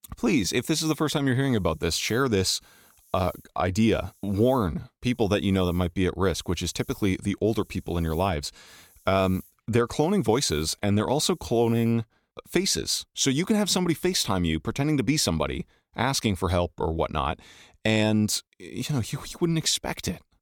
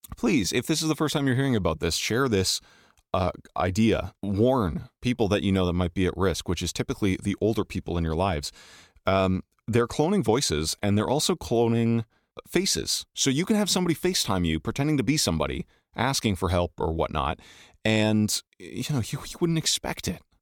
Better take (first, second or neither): second